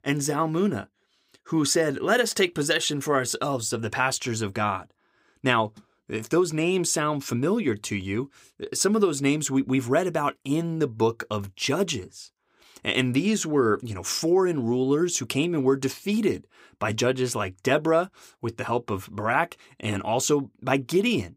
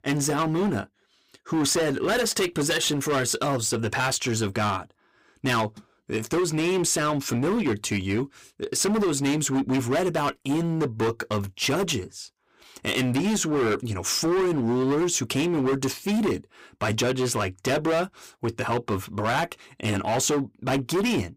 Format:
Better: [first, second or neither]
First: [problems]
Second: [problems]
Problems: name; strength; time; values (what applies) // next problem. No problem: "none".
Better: first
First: none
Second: distortion; heavy; 19% of the sound clipped